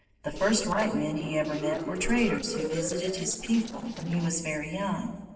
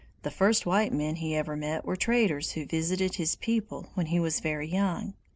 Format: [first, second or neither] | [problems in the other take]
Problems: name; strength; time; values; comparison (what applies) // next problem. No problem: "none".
second | noise reduction (neural separator model SepFormer DNS4)